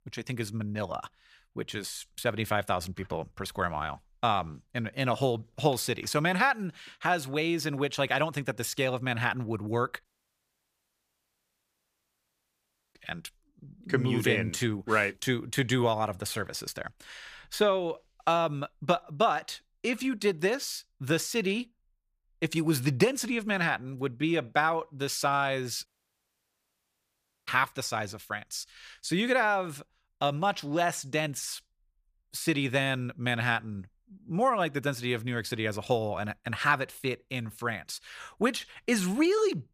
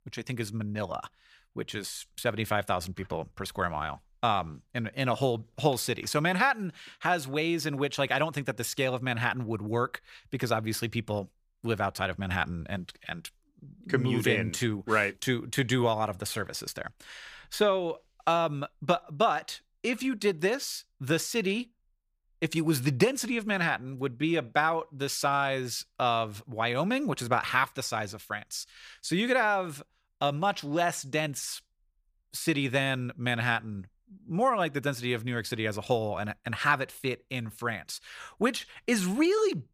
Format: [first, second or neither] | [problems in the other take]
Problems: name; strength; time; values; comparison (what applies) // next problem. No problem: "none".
second | audio cutting out; at 10 s for 3 s and at 26 s for 1.5 s